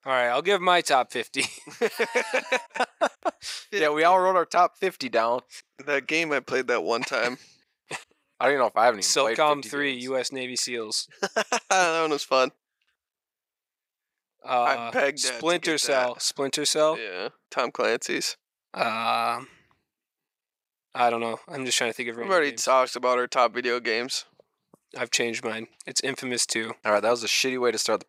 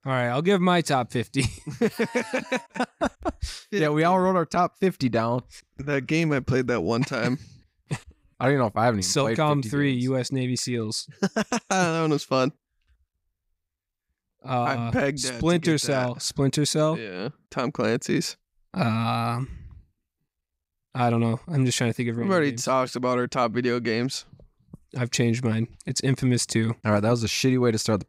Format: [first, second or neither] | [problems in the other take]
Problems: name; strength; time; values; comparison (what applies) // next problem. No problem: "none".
second | thin; very; fading below 550 Hz